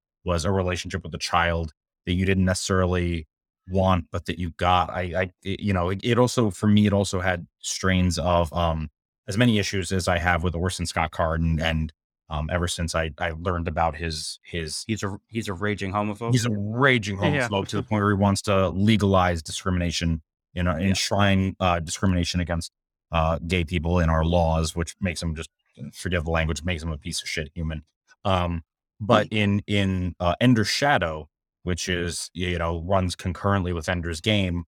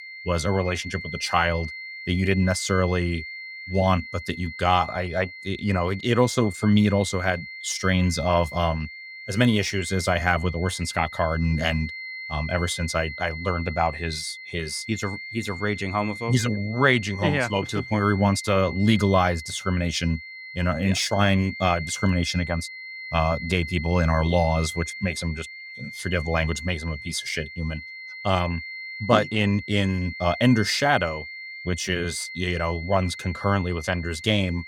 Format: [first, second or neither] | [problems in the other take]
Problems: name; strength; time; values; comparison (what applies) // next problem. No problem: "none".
first | high-pitched whine; noticeable; throughout; 2 kHz, 10 dB below the speech